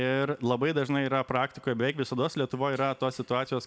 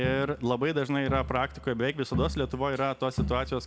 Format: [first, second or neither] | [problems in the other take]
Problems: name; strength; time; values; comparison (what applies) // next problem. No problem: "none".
first | background sound (Crowd); 7 dB below the speech